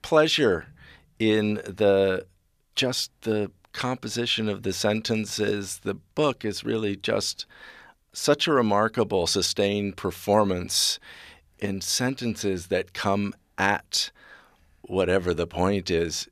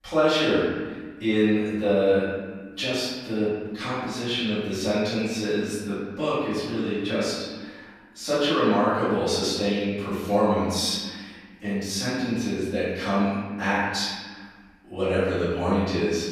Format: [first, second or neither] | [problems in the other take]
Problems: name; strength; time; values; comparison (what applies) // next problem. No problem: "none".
first | off-mic speech; far // room echo; strong; dies away in 1.5 s